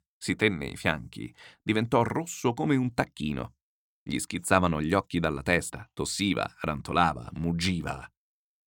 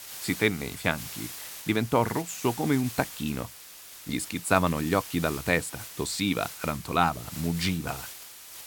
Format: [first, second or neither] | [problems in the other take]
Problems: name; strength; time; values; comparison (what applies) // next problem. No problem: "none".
first | hiss; noticeable; throughout; 10 dB below the speech